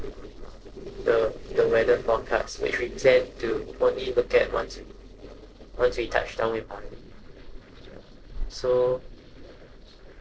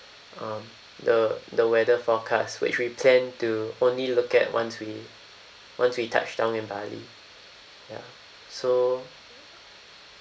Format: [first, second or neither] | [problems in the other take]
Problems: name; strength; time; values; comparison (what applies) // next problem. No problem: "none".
second | noise reduction (neural separator model SepFormer DNS4)